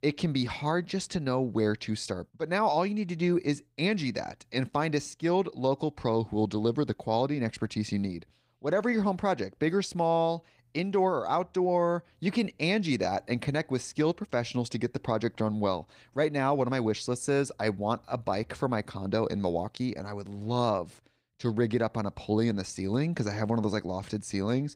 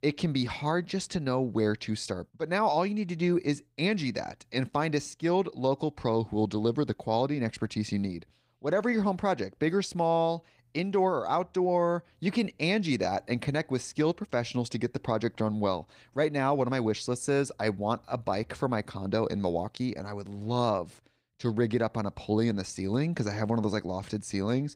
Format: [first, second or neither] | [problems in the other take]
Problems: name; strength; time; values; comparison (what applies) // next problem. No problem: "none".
neither | garbled, watery; slightly; nothing above 15.5 kHz; the same in both